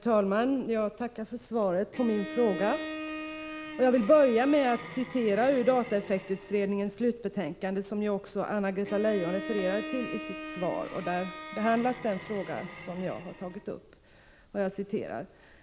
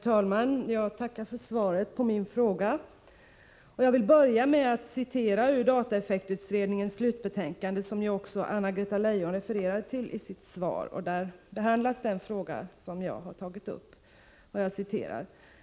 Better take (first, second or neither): second